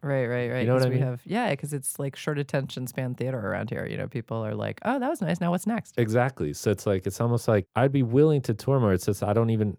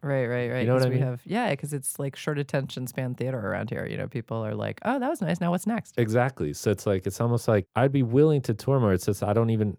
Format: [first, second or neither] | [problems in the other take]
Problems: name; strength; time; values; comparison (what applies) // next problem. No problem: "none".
neither | none